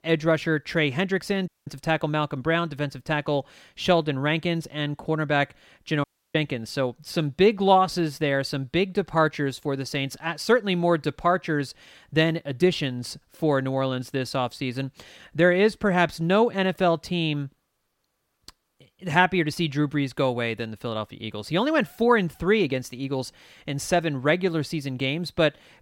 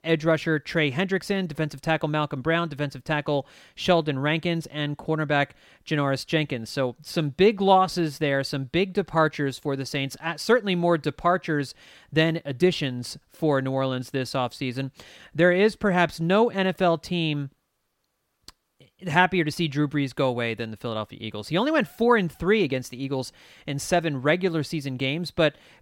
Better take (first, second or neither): second